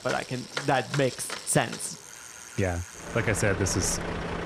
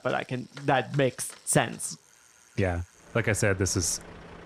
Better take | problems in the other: second | traffic noise; loud; throughout; 8 dB below the speech; faint in the second

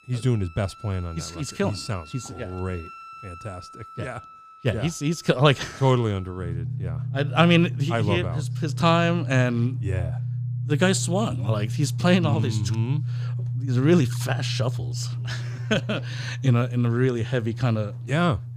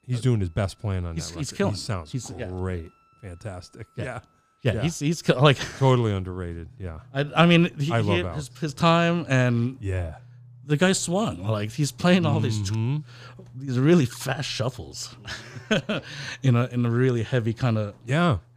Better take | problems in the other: second | background music; loud; throughout; 6 dB below the speech; faint in the second

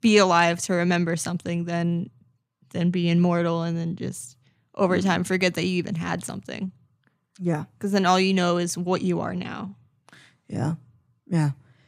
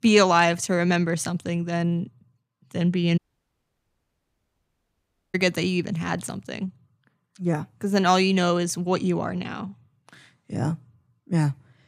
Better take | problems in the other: first | audio cutting out; at 3 s for 2 s

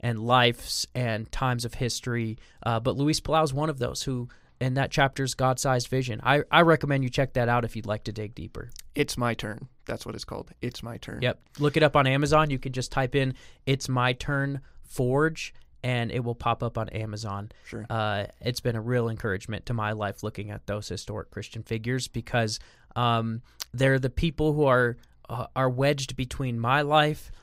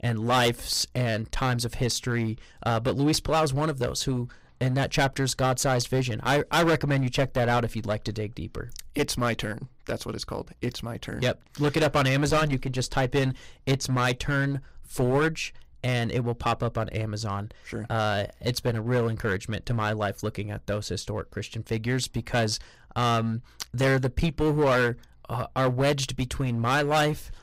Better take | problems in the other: first | distortion; heavy; 9% of the sound clipped

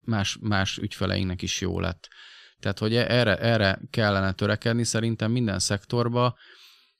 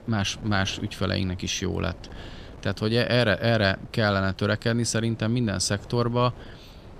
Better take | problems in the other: first | wind noise on the microphone; occasional gusts; 25 dB below the speech

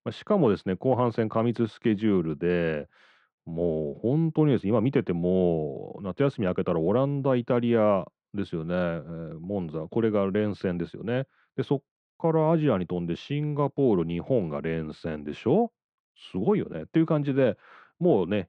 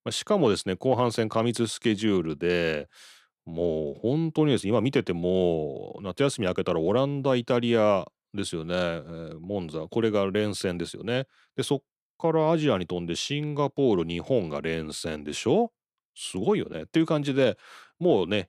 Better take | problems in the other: second | muffled; very; fading above 2 kHz

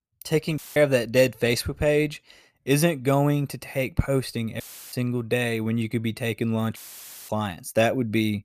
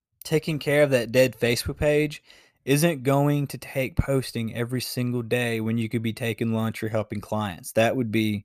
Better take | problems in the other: second | audio cutting out; filled with static; at 0.5 s, at 4.5 s and at 7 s for 0.5 s

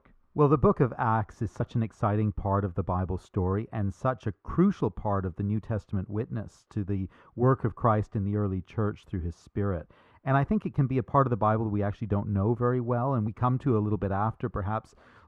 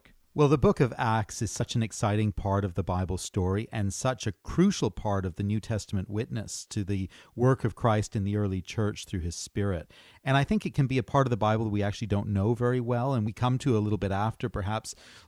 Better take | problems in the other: second | muffled; very; fading above 2.5 kHz

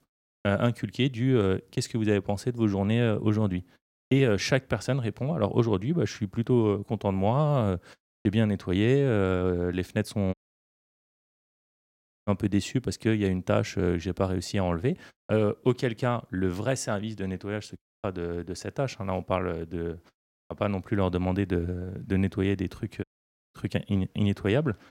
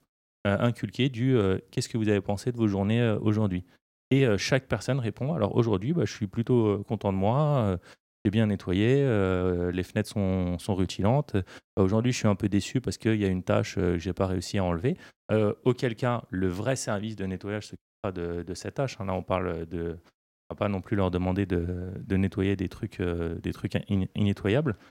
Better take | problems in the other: second | audio cutting out; at 10 s for 2 s and at 23 s for 0.5 s

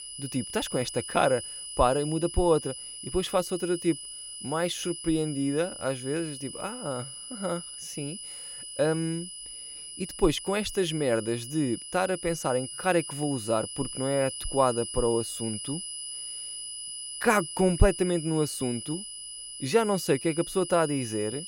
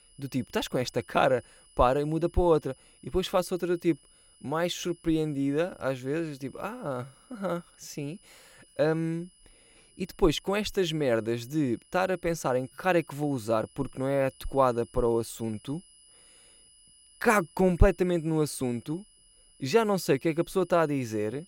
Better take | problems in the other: second | high-pitched whine; loud; throughout; 10 kHz, 8 dB below the speech; faint in the second

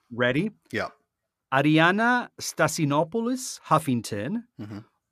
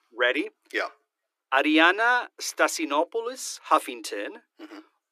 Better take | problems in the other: first | thin; very; fading below 300 Hz

